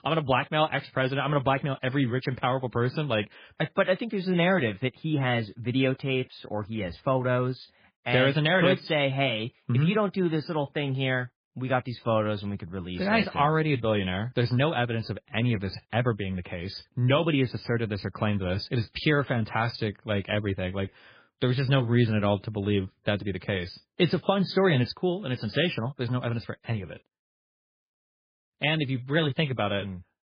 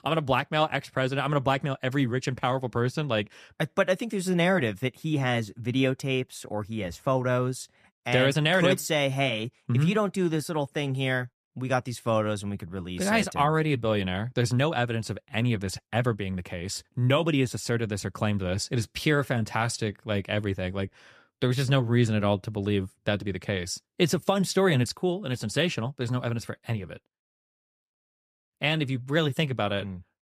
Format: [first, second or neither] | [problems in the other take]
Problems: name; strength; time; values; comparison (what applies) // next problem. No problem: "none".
second | garbled, watery; badly; nothing above 5 kHz